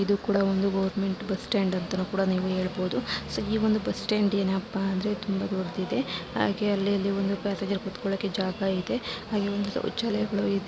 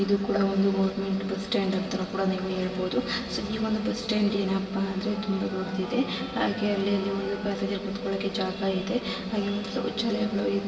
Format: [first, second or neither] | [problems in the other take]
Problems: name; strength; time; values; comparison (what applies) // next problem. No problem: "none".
first | background sound (Telephone); 18 dB below the speech // room echo; dies away in 2.3 s